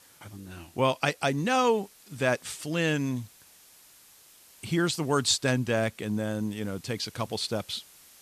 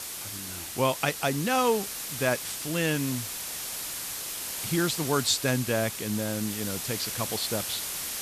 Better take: first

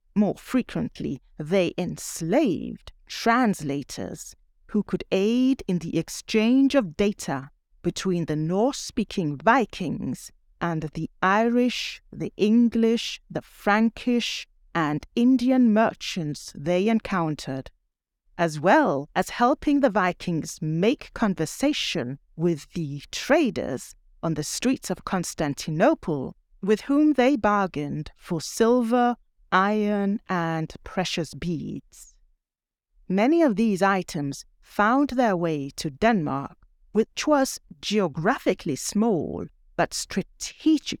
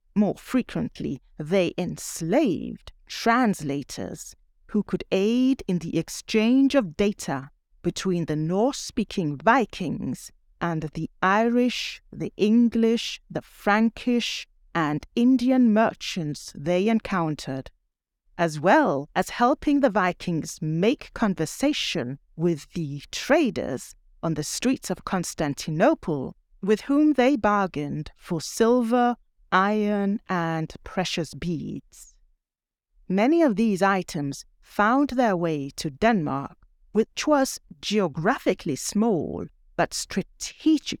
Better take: neither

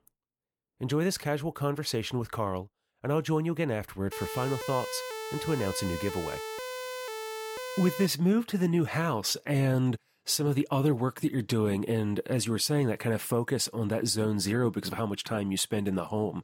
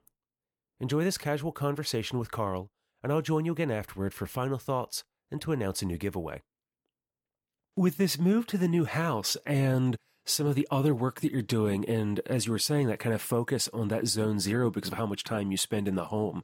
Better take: second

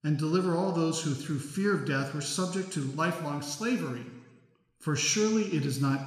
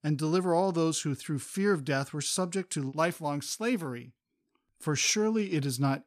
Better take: second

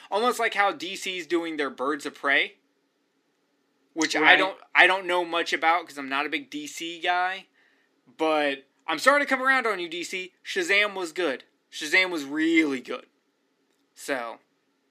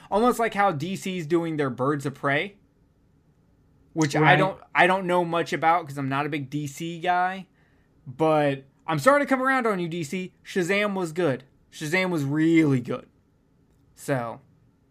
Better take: second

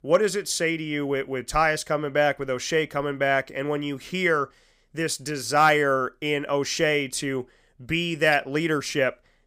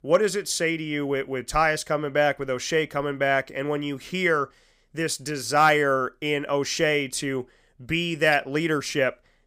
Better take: neither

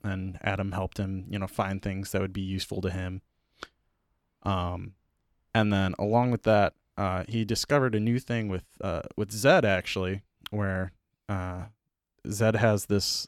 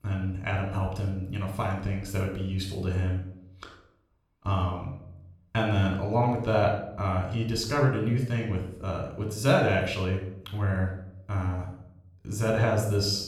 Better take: first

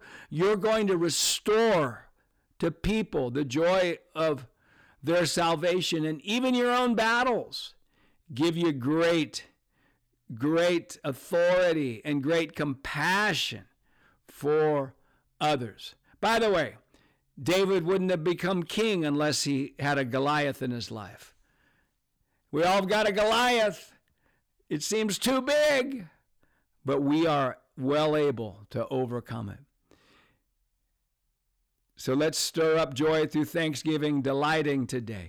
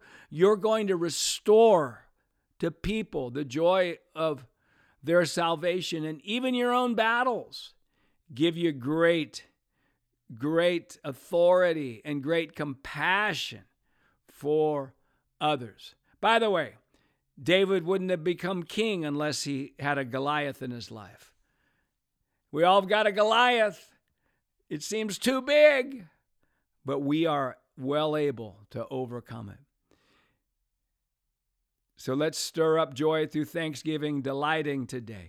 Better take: second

